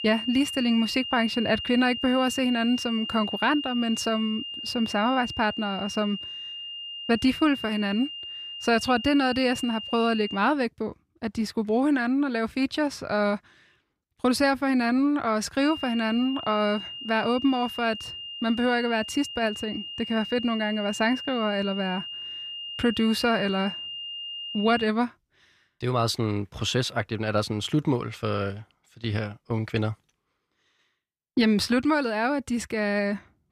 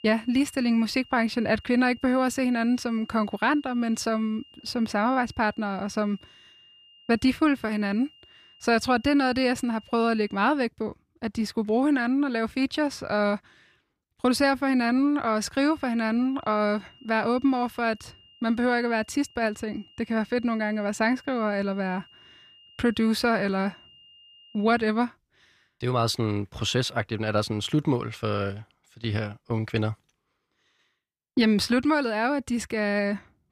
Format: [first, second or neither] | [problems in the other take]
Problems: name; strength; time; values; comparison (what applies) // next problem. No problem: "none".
second | high-pitched whine; loud; until 10 s and from 16 to 25 s; 3 kHz, 8 dB below the speech; faint in the second